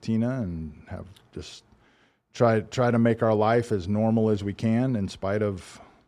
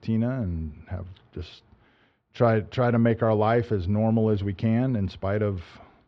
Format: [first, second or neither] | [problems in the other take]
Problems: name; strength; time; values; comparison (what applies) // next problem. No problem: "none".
first | muffled; very slightly; fading above 4 kHz